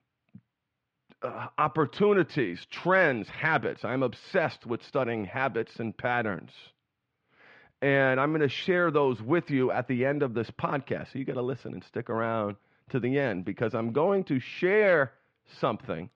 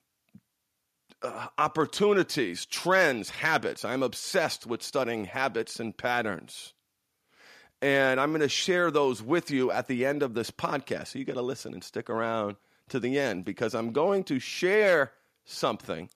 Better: second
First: muffled; slightly; fading above 3 kHz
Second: none

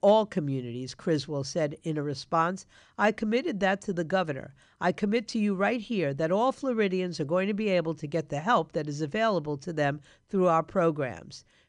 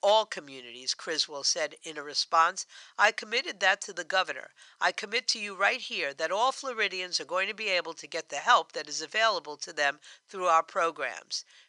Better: first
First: none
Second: thin; very; fading below 1 kHz

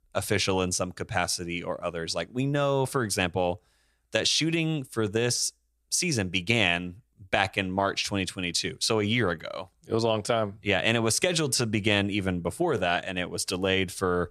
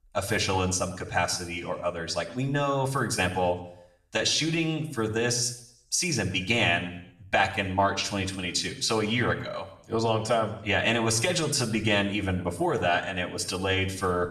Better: first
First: none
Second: room echo; slight; dies away in 0.7 s // off-mic speech; somewhat distant

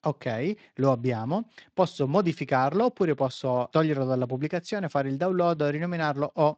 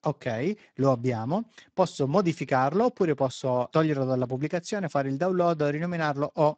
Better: first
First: garbled, watery; slightly; nothing above 8 kHz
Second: garbled, watery; badly; nothing above 8 kHz

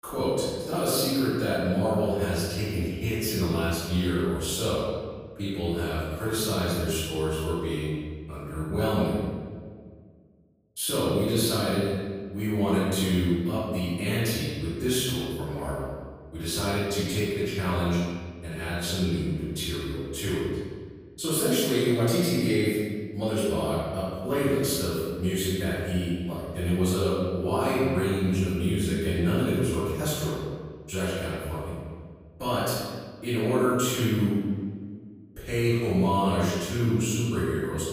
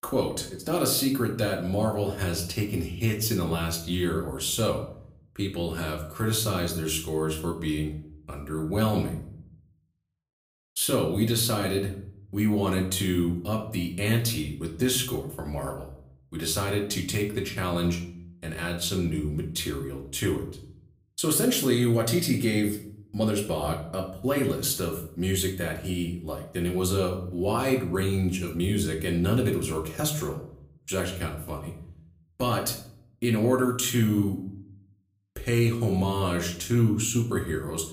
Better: second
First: room echo; strong; dies away in 1.4 s // off-mic speech; far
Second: room echo; slight; dies away in 0.5 s // off-mic speech; somewhat distant

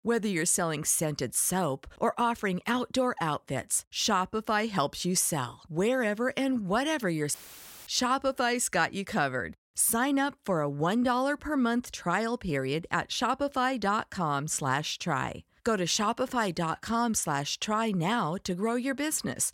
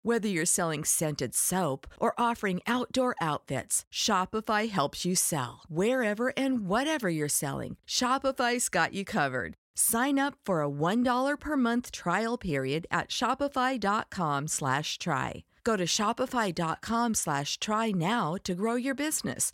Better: second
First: audio cutting out; filled with static; at 7.5 s for 0.5 s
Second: none

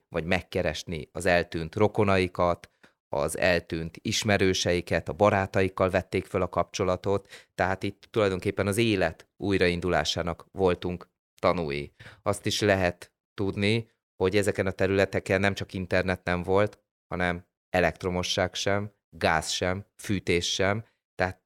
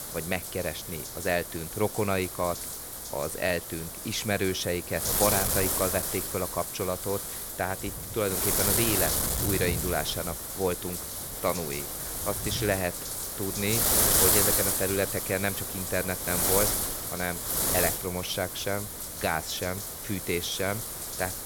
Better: first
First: none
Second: wind noise on the microphone; heavy; 1 dB below the speech

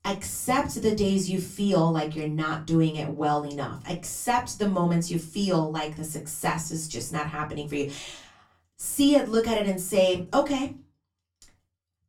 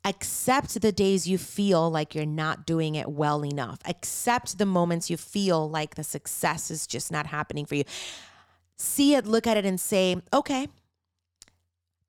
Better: second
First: off-mic speech; far // room echo; very slight; dies away in 0.2 s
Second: none

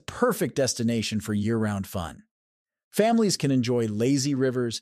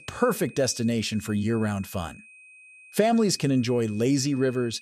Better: first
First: none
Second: high-pitched whine; faint; throughout; 2.5 kHz, 20 dB below the speech

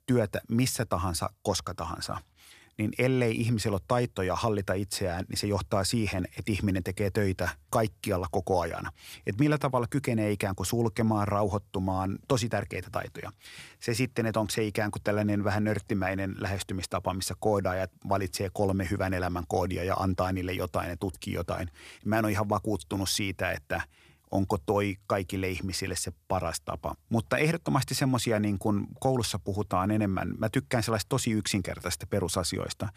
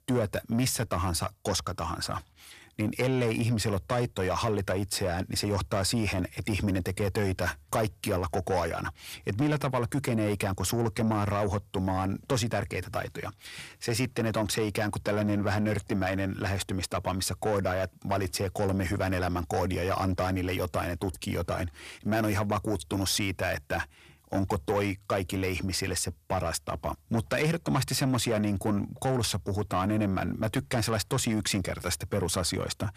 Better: first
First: none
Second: distortion; slight; 10 dB below the speech

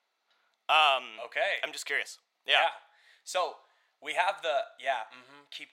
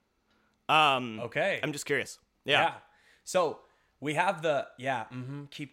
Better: second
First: thin; very; fading below 800 Hz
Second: none

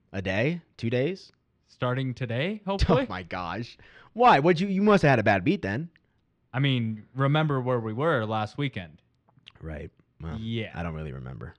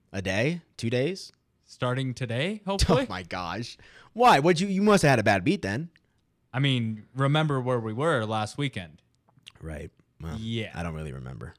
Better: second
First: muffled; very slightly; fading above 3.5 kHz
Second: none

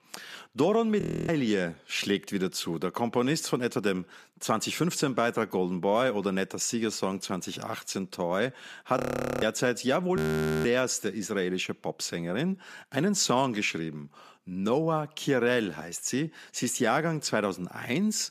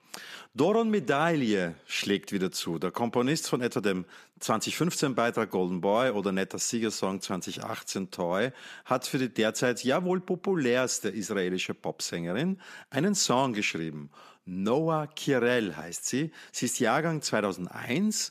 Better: second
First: audio freezing; at 1 s, at 9 s and at 10 s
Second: none

